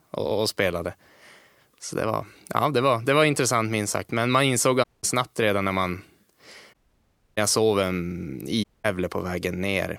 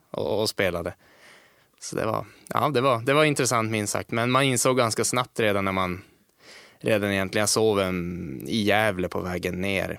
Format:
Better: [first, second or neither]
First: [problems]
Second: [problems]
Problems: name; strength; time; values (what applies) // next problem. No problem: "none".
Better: second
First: audio cutting out; at 5 s, at 6.5 s for 0.5 s and at 8.5 s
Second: none